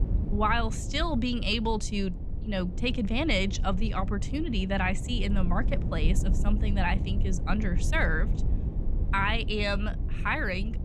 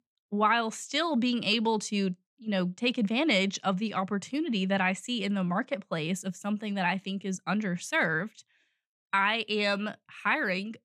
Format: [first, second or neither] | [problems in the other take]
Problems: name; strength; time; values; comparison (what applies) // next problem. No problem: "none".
second | low rumble; noticeable; throughout; 15 dB below the speech